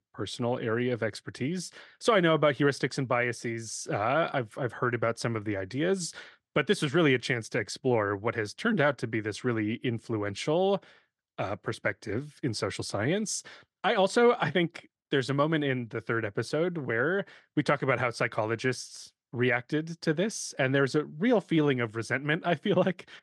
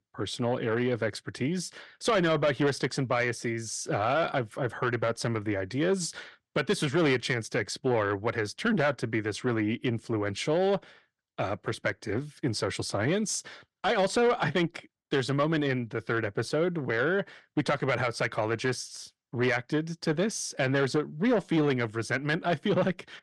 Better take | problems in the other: first | distortion; slight; 10 dB below the speech

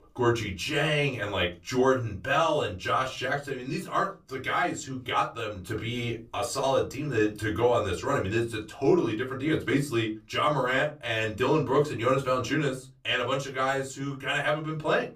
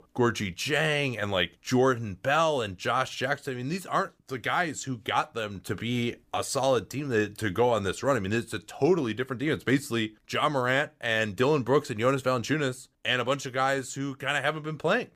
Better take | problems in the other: second | off-mic speech; far // room echo; very slight; dies away in 0.2 s

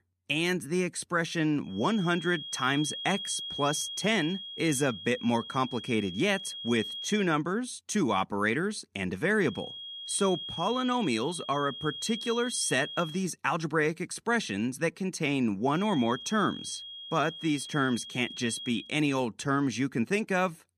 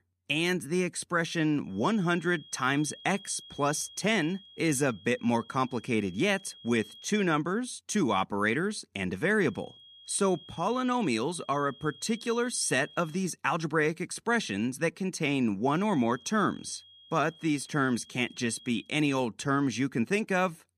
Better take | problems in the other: second | high-pitched whine; loud; from 1.5 to 7 s, from 9.5 to 13 s and from 16 to 19 s; 3.5 kHz, 9 dB below the speech; faint in the second

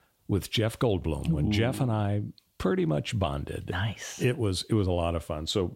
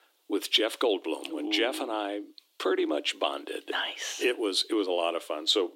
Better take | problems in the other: first | thin; very; fading below 300 Hz

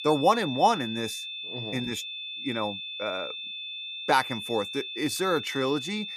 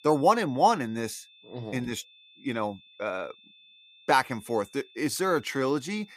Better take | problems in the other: second | high-pitched whine; loud; throughout; 3.5 kHz, 6 dB below the speech; faint in the second

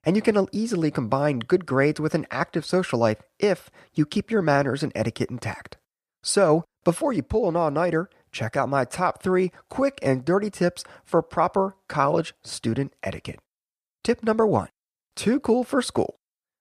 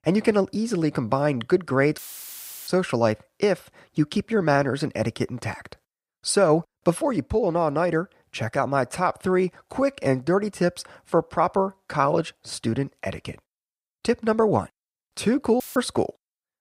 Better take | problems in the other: first | audio cutting out; filled with static; at 2 s for 0.5 s and at 16 s

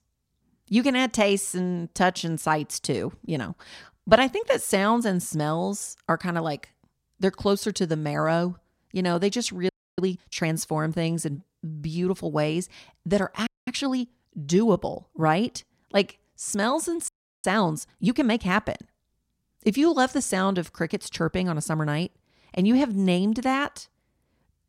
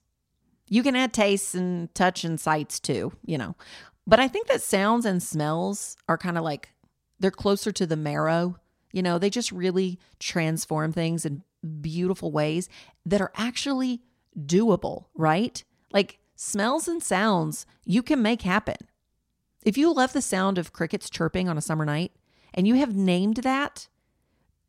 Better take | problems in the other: second | audio freezing; at 9.5 s, at 13 s and at 17 s

